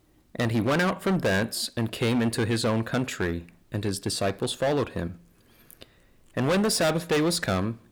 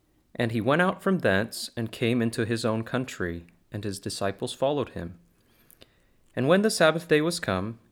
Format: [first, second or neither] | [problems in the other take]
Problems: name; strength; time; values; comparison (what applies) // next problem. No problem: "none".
second | distortion; heavy; 12% of the sound clipped